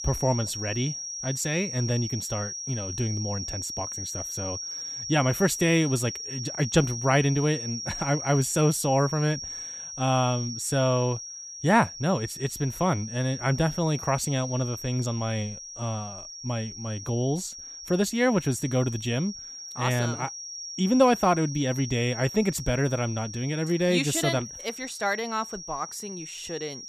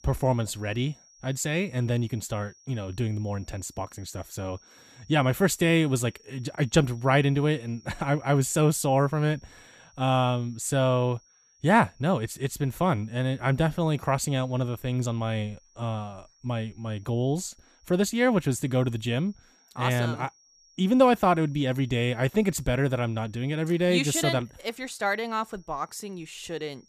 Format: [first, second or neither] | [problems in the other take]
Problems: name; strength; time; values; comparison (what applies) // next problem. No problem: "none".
second | high-pitched whine; loud; throughout; 5.5 kHz, 8 dB below the speech; faint in the second